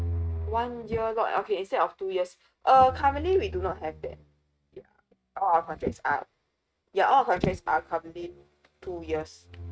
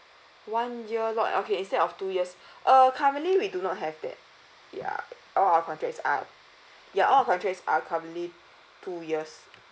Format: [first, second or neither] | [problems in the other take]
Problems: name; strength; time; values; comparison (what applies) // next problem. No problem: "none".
second | noise reduction (neural mask model RNNoise)